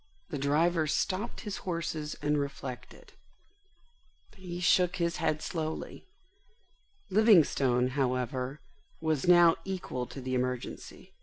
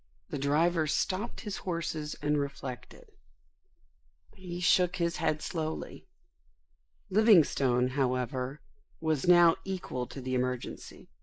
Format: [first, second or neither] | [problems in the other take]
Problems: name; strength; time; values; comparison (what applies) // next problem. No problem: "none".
first | noise reduction (neural mask model Resemble Enhance denoiser)